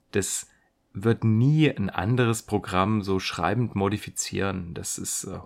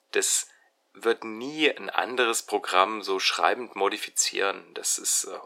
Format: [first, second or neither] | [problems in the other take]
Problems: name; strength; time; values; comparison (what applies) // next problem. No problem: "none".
first | thin; very; fading below 400 Hz